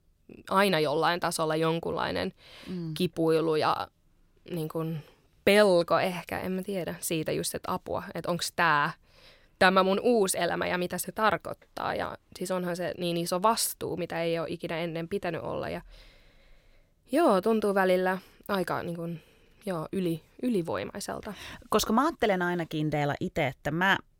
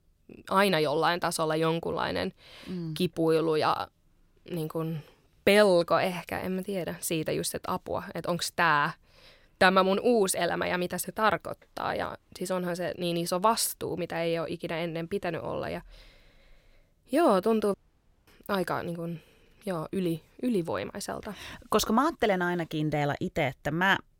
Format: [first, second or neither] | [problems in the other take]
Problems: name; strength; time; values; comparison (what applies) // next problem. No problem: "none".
first | audio cutting out; at 18 s for 0.5 s